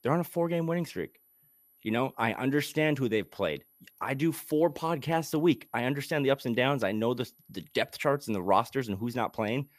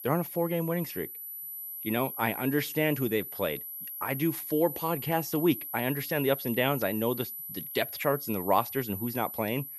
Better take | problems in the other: first | high-pitched whine; loud; throughout; 12 kHz, 7 dB below the speech; faint in the first

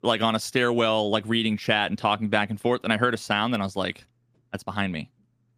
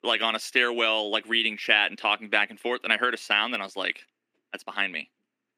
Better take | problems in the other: first | thin; somewhat; fading below 300 Hz

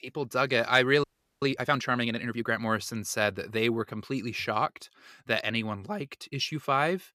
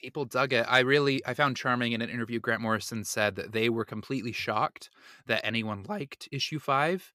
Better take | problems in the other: second | audio freezing; at 1 s

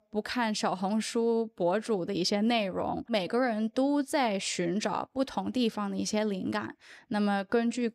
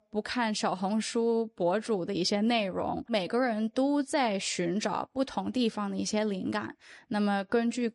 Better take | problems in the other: first | garbled, watery; slightly; nothing above 9 kHz

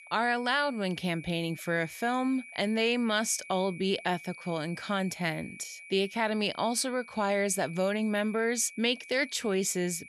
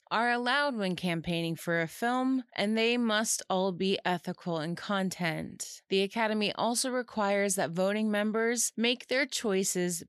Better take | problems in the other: second | high-pitched whine; noticeable; throughout; 2.5 kHz, 15 dB below the speech

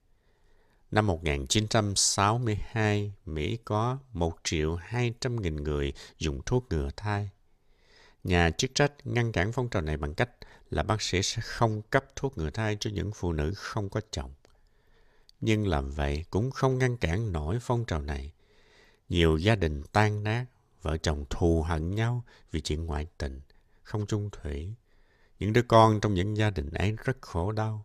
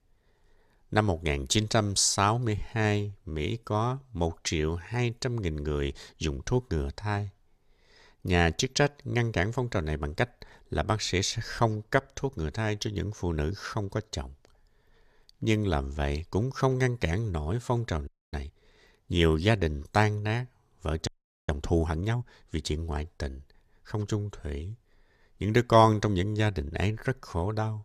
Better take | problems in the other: first | audio freezing; at 18 s and at 21 s

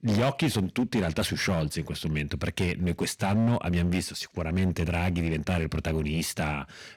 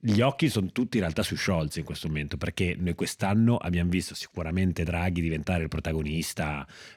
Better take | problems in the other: second | distortion; slight; 10% of the sound clipped

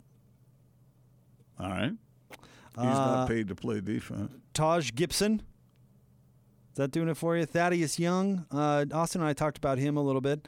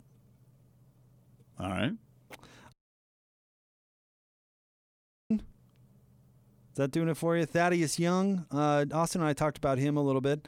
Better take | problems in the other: first | audio cutting out; at 2.5 s for 2.5 s

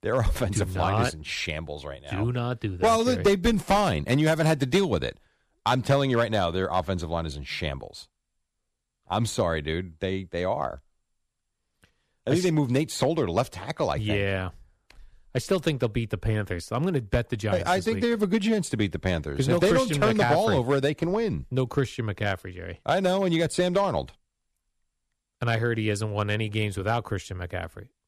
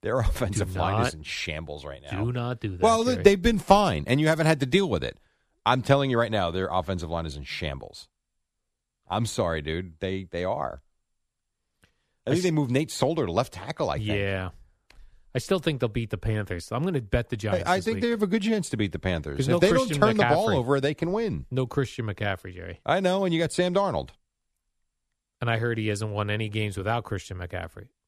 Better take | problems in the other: second | distortion; slight; 1.6% of the sound clipped

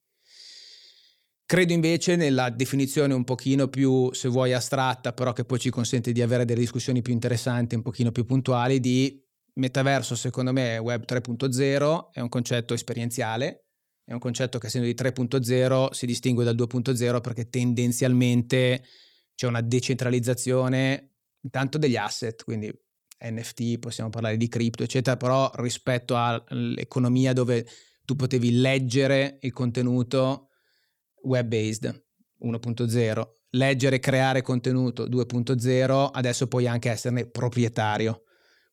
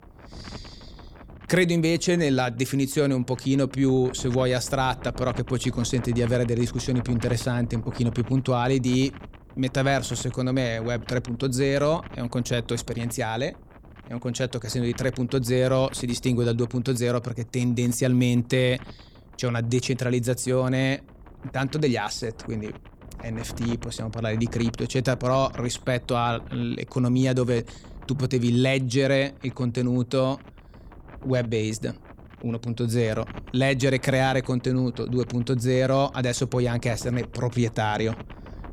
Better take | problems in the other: first | wind noise on the microphone; occasional gusts; 20 dB below the speech

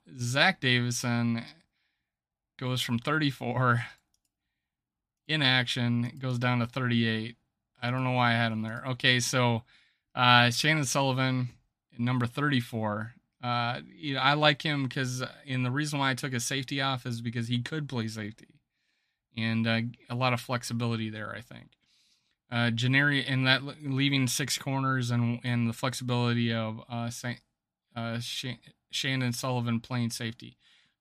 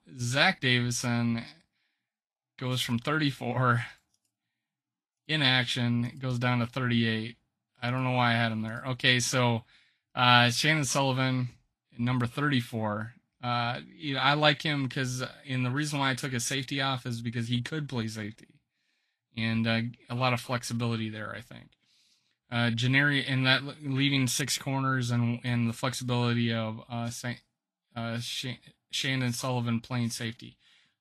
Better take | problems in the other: first | garbled, watery; slightly; nothing above 12.5 kHz

